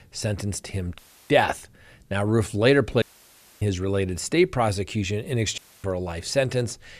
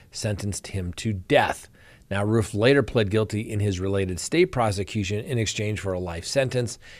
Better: second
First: audio cutting out; at 1 s, at 3 s for 0.5 s and at 5.5 s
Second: none

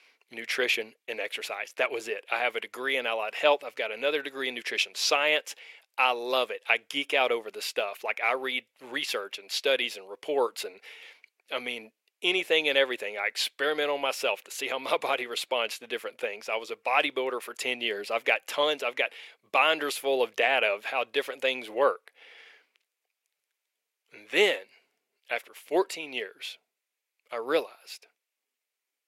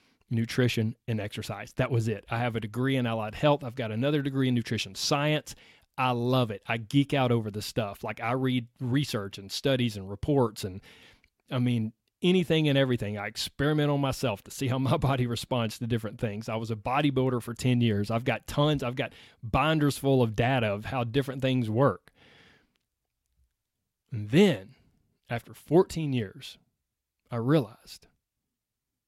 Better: second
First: thin; very; fading below 450 Hz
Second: none

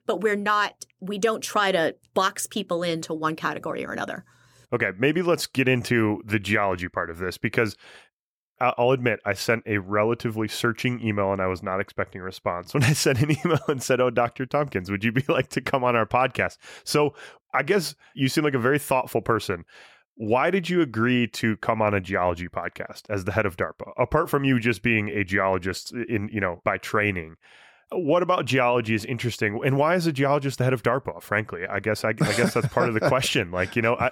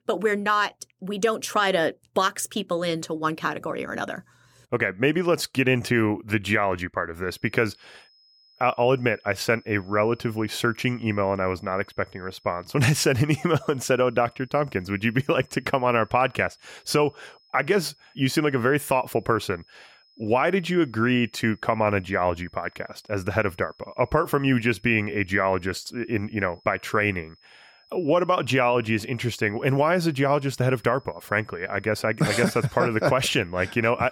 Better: first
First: none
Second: high-pitched whine; faint; from 7.5 s on; 5 kHz, 30 dB below the speech

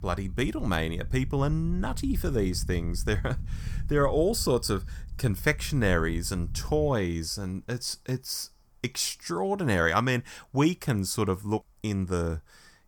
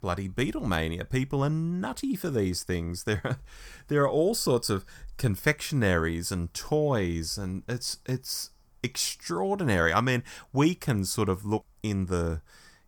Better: second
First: low rumble; faint; until 7 s; 25 dB below the speech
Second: none

